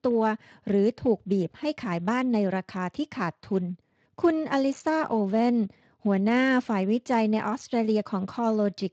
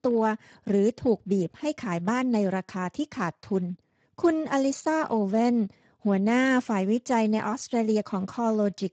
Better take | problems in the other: first | garbled, watery; badly; nothing above 7.5 kHz; slightly in the first

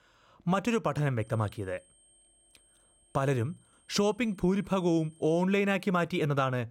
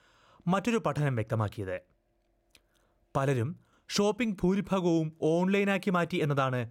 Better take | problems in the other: second | high-pitched whine; faint; from 1 to 5.5 s; 8.5 kHz, 30 dB below the speech

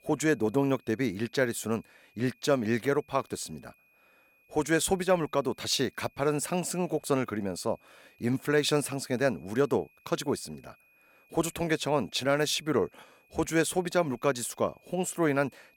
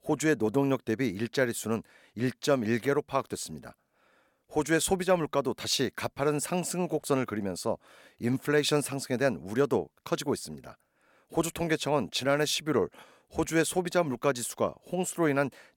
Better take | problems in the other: second | high-pitched whine; faint; throughout; 2.5 kHz, 35 dB below the speech

